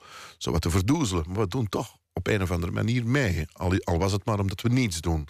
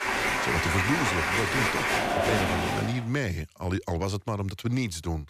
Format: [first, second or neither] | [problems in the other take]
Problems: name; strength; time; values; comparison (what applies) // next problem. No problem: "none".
first | crowd noise; very loud; until 3 s; 5 dB above the speech